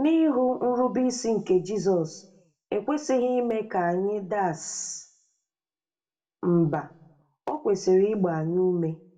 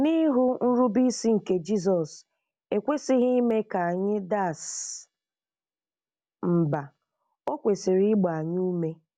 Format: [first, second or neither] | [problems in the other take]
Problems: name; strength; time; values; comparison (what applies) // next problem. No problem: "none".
second | room echo; dies away in 0.3 s